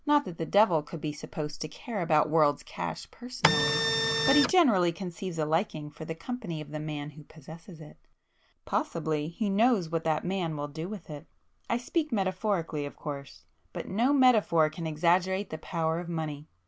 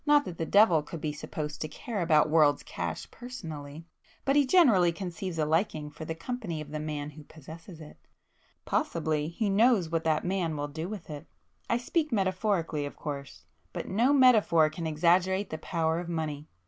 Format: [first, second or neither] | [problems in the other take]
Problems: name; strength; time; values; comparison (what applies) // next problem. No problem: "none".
second | background sound (Printer); 3 dB above the speech